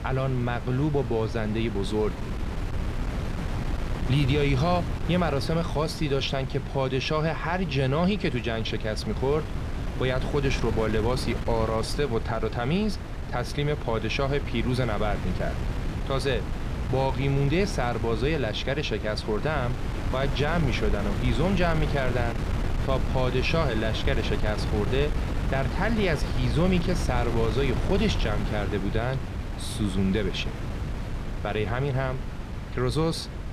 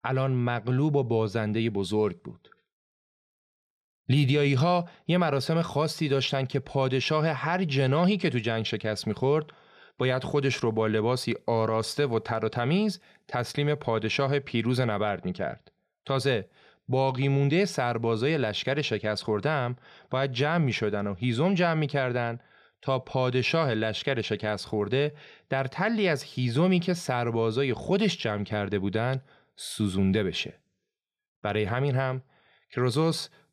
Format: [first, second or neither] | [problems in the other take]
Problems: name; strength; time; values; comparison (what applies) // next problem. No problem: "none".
second | wind noise on the microphone; heavy; 9 dB below the speech